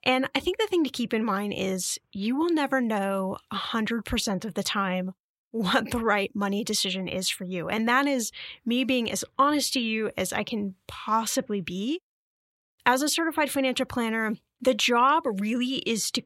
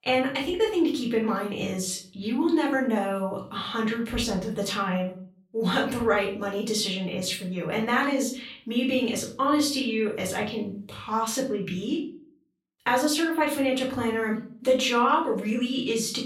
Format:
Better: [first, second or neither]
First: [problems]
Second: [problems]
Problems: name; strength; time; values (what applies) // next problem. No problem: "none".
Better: first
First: none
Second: off-mic speech; far // room echo; slight; dies away in 0.4 s